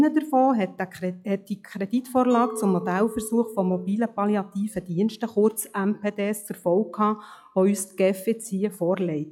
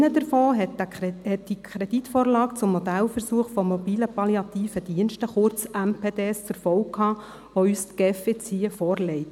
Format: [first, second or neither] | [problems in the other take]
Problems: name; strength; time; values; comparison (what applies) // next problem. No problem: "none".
second | noise reduction (classical method log-MMSE)